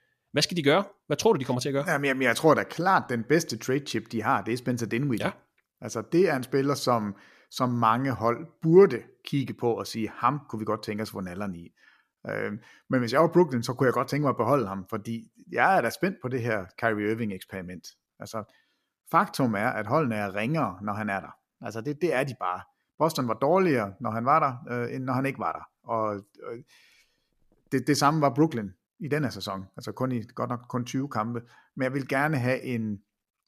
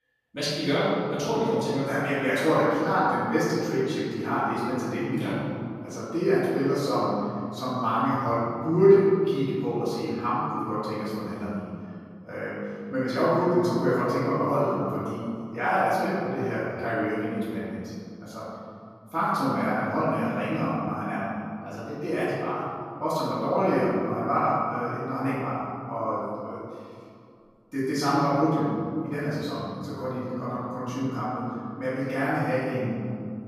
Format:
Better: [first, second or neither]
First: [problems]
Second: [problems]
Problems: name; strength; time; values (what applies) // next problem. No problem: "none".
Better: first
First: none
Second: room echo; strong; dies away in 2.2 s // off-mic speech; far